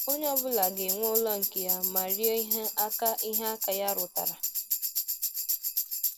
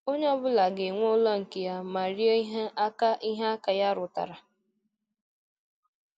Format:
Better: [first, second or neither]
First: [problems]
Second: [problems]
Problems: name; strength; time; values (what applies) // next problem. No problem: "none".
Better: second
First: background sound (Tambourine); 3 dB above the speech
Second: none